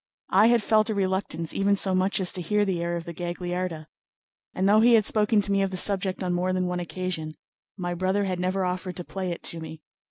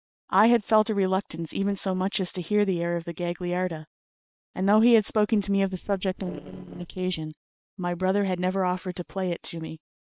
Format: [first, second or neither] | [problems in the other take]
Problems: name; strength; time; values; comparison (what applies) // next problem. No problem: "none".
first | noise reduction (neural separator model SepFormer WHAM!)